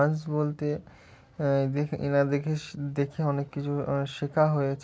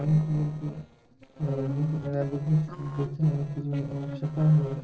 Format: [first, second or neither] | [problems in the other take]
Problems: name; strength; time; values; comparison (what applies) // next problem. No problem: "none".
first | noise reduction (neural separator model SepFormer DNS4)